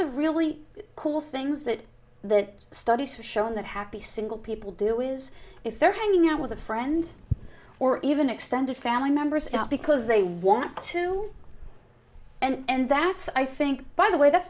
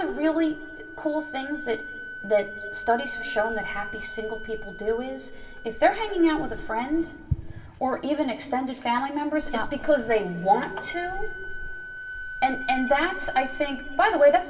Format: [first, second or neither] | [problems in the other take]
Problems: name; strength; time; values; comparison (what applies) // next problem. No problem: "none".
first | background sound (Wind instrument, woodwind instrument); 13 dB below the speech // room echo; dies away in 1.9 s